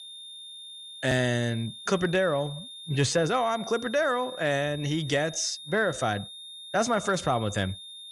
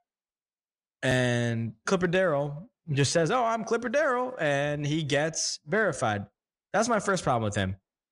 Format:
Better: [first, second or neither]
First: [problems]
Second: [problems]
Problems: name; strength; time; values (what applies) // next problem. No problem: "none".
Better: second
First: high-pitched whine; noticeable; throughout; 3.5 kHz, 15 dB below the speech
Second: none